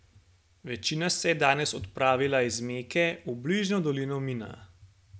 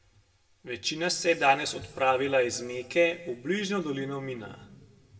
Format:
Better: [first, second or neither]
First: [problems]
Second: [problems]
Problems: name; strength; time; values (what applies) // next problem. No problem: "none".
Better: first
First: none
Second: room echo; dies away in 1.2 s